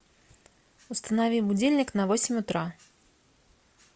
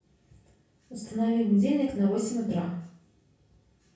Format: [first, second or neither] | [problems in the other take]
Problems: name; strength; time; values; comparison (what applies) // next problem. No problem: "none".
first | room echo; dies away in 0.5 s